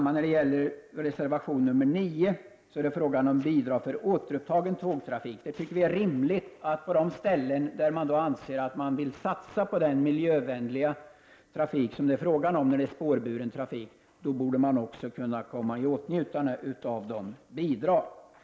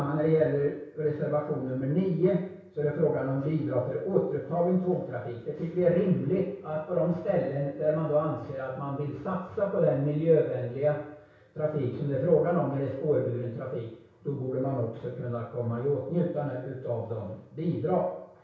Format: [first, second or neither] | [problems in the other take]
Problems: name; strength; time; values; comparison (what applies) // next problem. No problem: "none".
first | room echo; dies away in 0.6 s